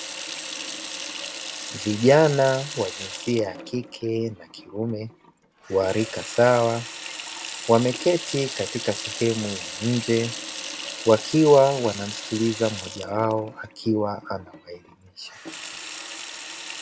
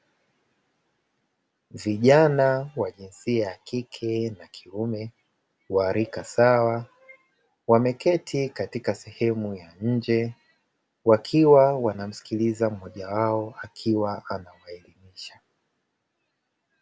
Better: second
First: background sound (Sink (filling or washing) / Water tap, faucet); 11 dB below the speech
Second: none

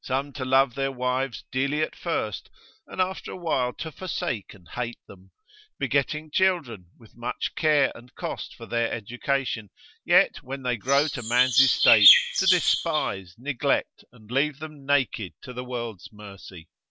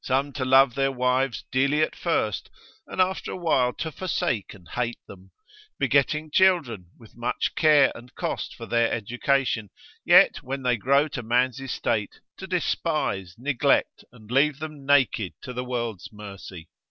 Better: second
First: background sound (Chirp, tweet); 4 dB above the speech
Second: none

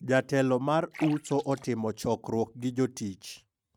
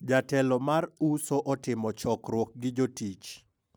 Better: second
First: noise reduction (neural mask model RNNoise)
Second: none

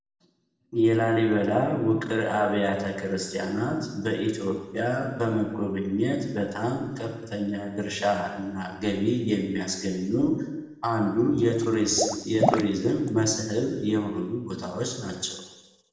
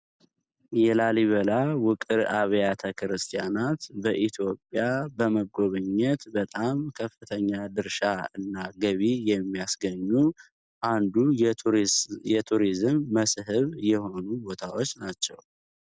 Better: second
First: background sound (Water / Liquid); 5 dB below the speech // room echo; dies away in 1 s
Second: none

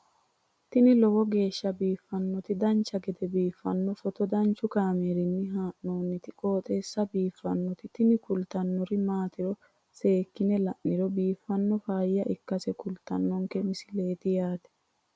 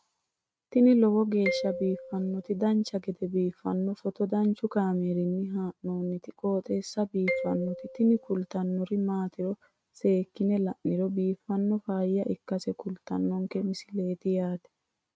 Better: first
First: none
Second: noise reduction (neural mask model RNNoise)

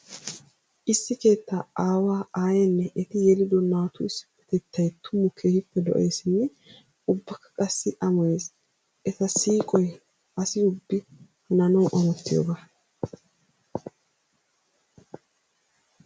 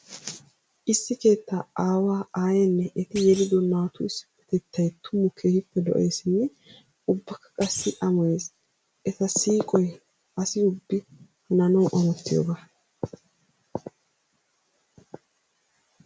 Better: first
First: none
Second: background sound (Thump, thud); 16 dB below the speech

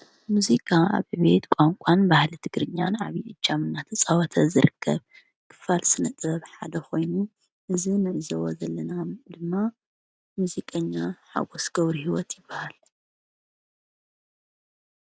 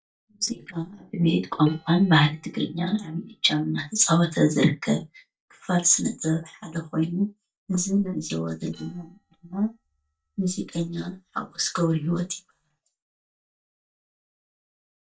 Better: first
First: none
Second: noise reduction (neural mask model DeepFilterNet 3)

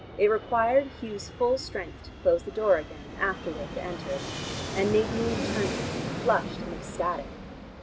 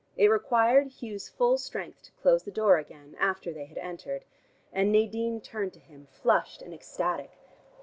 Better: second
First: background sound (Fixed-wing aircraft, airplane); 7 dB below the speech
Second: none

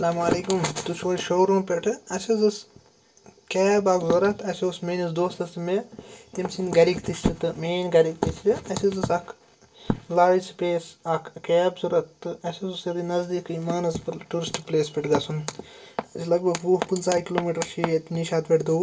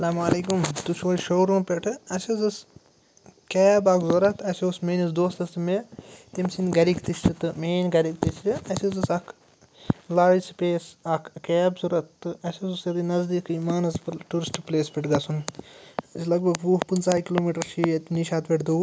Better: second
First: room echo; dies away in 0.2 s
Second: none

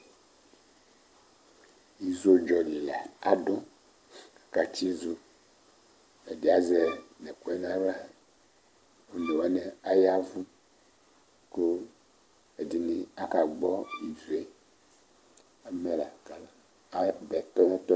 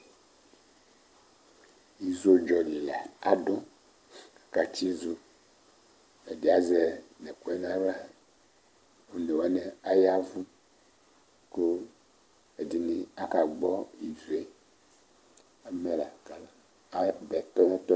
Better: second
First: background sound (Bowed string instrument); 15 dB below the speech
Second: none

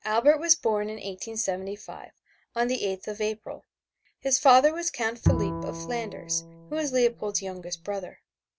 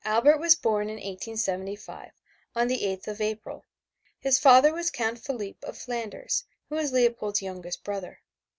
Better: second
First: background sound (Bowed string instrument); 5 dB below the speech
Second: none

